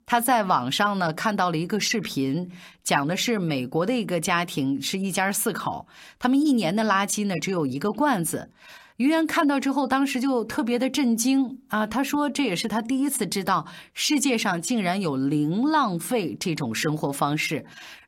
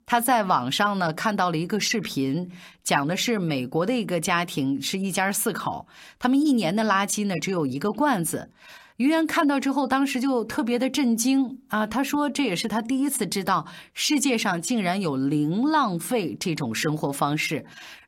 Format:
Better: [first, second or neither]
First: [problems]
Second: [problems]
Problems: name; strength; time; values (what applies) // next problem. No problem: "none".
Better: neither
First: none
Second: none